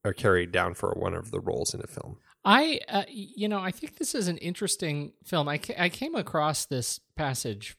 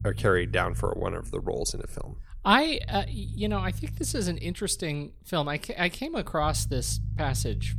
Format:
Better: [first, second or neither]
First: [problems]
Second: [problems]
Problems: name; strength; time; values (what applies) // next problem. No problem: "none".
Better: first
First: none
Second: low rumble; faint; throughout; 20 dB below the speech